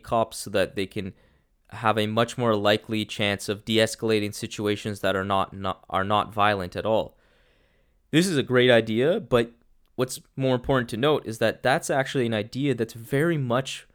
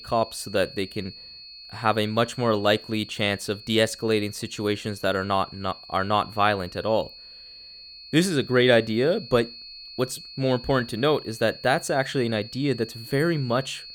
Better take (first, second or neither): first